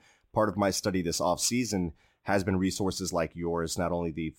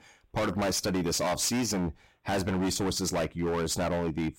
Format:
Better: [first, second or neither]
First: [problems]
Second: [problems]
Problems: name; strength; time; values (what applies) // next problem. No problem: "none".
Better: first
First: none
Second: distortion; heavy; 26% of the sound clipped